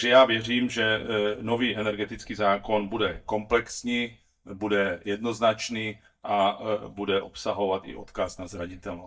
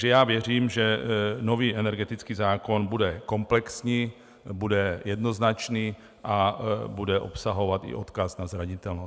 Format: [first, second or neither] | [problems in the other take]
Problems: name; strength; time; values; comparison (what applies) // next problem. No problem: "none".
second | noise reduction (neural mask model DeepFilterNet 3)